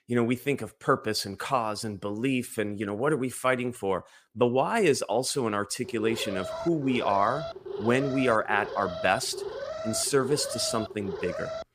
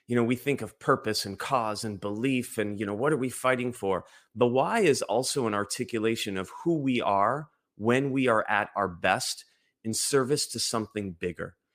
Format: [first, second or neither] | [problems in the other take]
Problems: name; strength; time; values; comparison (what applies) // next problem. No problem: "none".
second | alarm; noticeable; from 6 s on; peak 7 dB below the speech